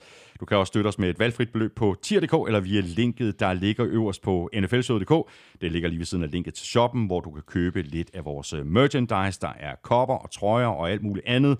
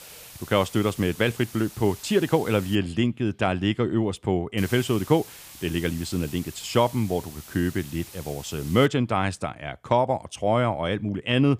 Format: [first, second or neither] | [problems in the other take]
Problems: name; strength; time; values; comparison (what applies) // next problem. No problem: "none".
first | hiss; noticeable; until 3 s and from 4.5 to 9 s; 15 dB below the speech